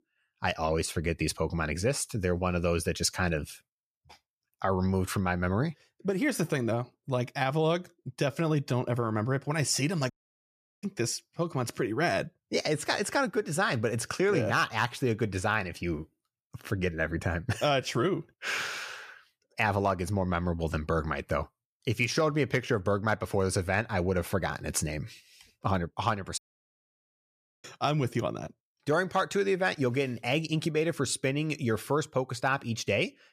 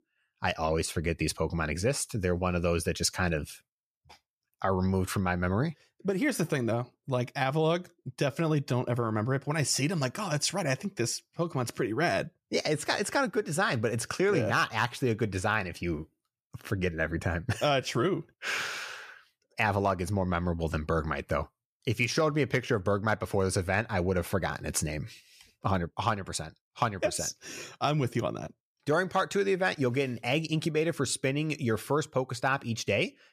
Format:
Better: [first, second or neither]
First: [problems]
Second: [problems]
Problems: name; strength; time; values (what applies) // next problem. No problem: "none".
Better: second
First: audio cutting out; at 10 s for 0.5 s and at 26 s for 1.5 s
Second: none